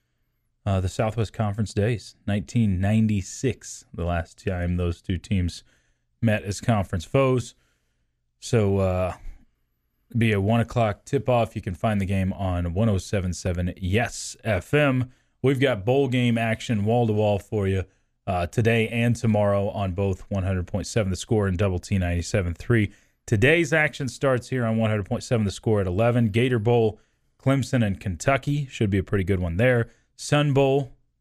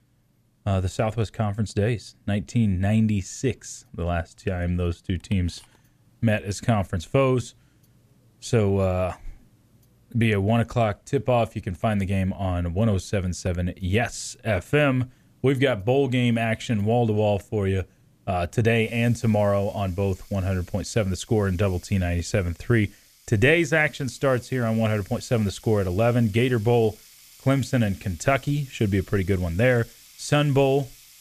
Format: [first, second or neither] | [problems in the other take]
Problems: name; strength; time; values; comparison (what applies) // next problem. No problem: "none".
first | household noises; faint; throughout; 25 dB below the speech